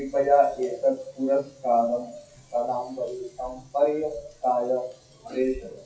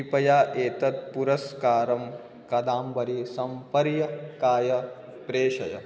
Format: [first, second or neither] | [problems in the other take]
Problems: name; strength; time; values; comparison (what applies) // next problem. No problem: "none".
second | noise reduction (classical method WPE with log-MMSE)